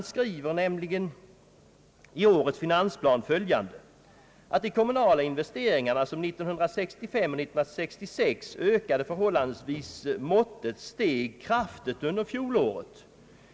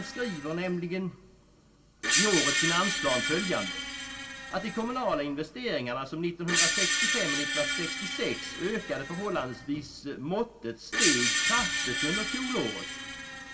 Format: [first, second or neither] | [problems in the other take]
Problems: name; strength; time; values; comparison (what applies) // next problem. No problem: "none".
first | background sound (Screech); 1 dB above the speech // room echo; dies away in 0.2 s